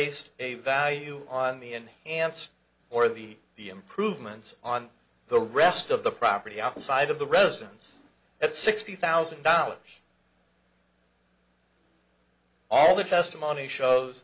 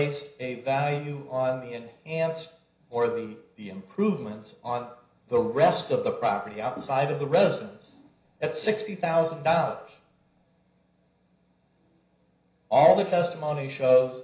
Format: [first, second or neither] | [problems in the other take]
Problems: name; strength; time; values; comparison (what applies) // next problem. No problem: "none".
first | room echo; dies away in 0.5 s